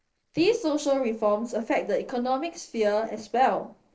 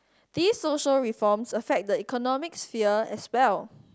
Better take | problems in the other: second | noise reduction (neural separator model SepFormer DNS4)

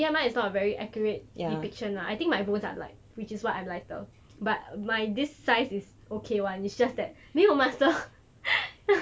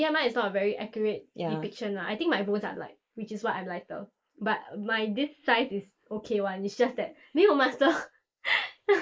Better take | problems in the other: first | noise reduction (neural mask model Resemble Enhance denoiser)

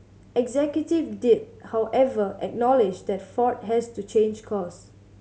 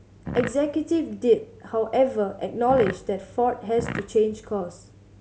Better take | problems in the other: first | background sound (Fart); 10 dB below the speech

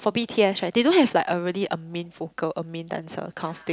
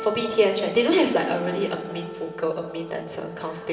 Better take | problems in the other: first | background sound (Wind instrument, woodwind instrument); 11 dB below the speech // room echo; dies away in 2.5 s

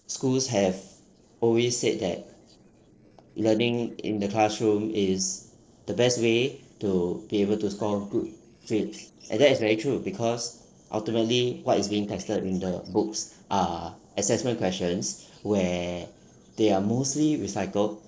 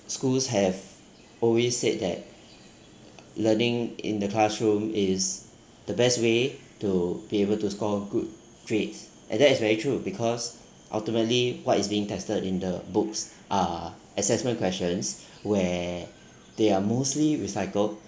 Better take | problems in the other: second | noise reduction (neural separator model SepFormer DNS4)

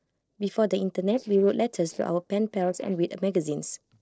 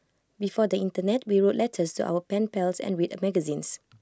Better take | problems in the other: second | noise reduction (neural separator model SepFormer DNS4)

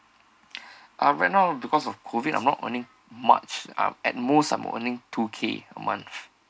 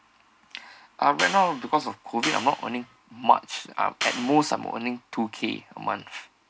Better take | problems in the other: first | background sound (Clapping); 7 dB below the speech

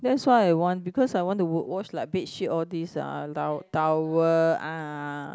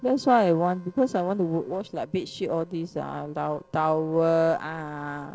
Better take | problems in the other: first | noise reduction (neural separator model SepFormer DNS4)

